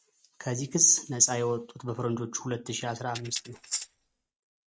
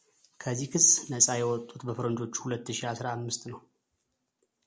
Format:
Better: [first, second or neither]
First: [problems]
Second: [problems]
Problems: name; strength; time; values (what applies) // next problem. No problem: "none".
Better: second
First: noise reduction (neural mask model RNNoise)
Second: none